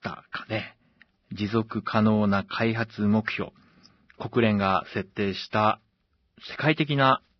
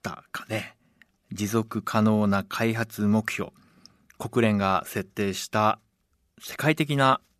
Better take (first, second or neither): second